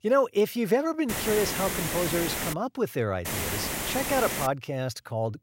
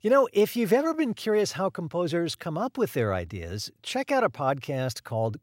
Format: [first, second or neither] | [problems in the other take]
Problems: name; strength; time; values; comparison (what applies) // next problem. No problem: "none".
second | hiss; loud; from 1 to 2.5 s and from 3.5 to 4.5 s; 2 dB below the speech